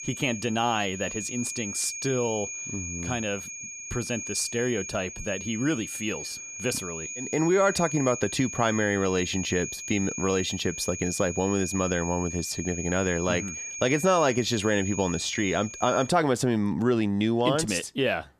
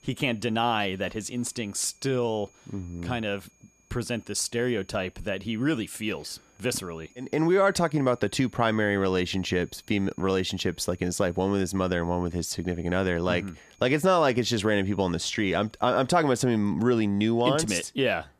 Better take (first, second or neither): second